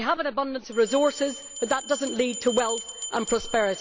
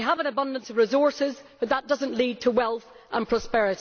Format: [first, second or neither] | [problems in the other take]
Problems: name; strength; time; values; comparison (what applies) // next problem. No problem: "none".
second | background sound (Bell); 11 dB below the speech